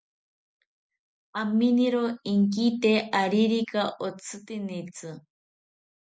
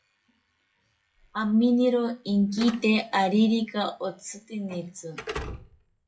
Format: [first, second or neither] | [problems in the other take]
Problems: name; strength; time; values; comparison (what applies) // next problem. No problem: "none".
first | noise reduction (classical method WPE with log-MMSE)